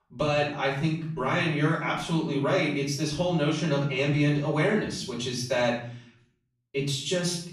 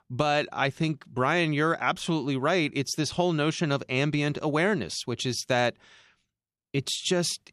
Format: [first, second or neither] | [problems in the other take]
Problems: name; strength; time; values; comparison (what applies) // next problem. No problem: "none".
second | off-mic speech; far // room echo; noticeable; dies away in 0.6 s